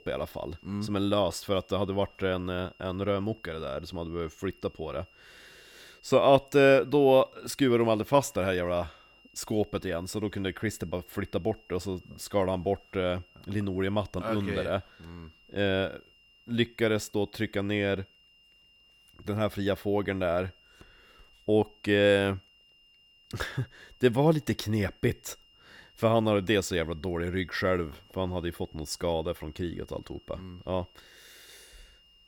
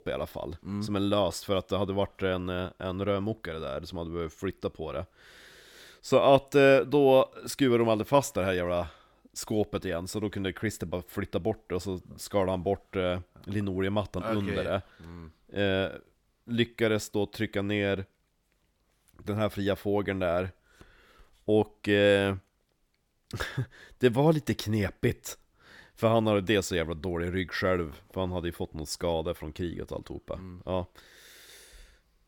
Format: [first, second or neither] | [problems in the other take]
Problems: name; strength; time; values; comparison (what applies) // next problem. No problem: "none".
second | high-pitched whine; faint; throughout; 3 kHz, 30 dB below the speech